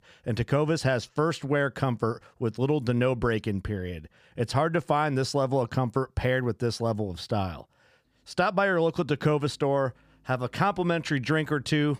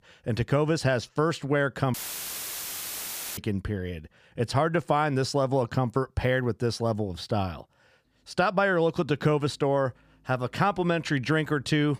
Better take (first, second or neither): first